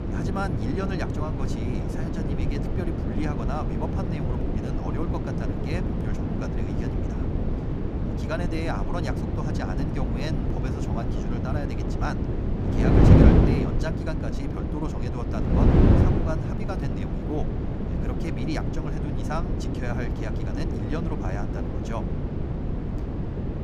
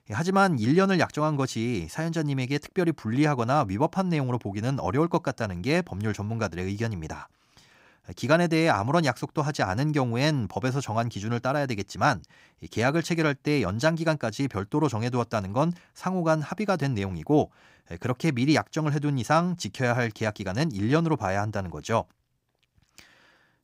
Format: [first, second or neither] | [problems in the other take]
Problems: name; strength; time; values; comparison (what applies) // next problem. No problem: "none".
second | wind noise on the microphone; heavy; 3 dB above the speech